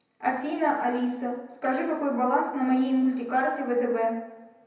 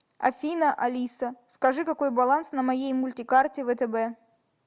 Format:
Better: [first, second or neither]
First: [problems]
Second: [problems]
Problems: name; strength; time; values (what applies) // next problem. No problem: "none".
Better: second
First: room echo; dies away in 0.9 s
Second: none